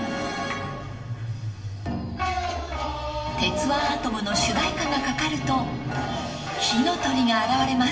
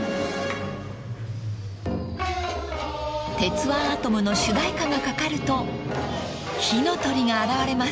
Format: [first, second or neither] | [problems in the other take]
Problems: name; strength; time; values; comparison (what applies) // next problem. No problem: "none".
second | room echo; dies away in 0.8 s